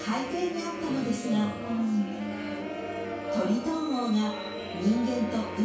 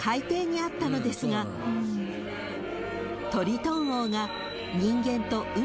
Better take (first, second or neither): second